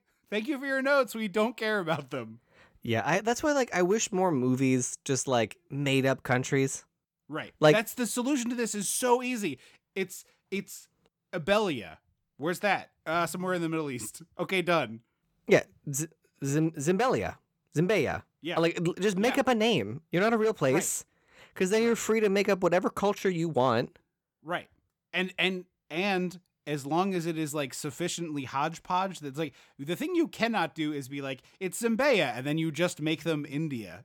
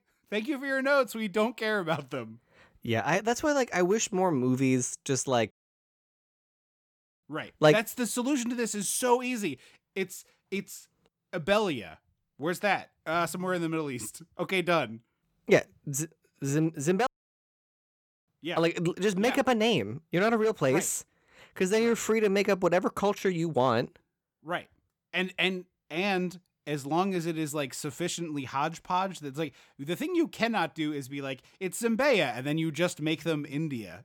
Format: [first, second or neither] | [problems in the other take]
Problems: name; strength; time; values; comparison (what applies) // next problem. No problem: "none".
first | audio cutting out; at 5.5 s for 1.5 s and at 17 s for 1 s